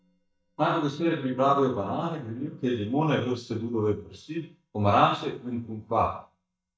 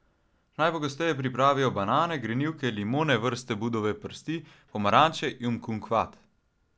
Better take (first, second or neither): second